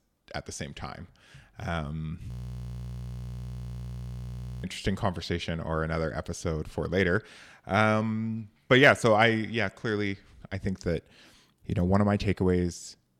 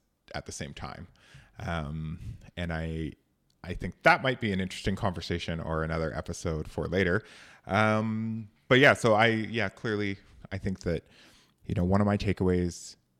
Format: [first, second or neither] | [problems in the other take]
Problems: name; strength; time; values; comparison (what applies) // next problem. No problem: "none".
second | audio freezing; at 2.5 s for 2.5 s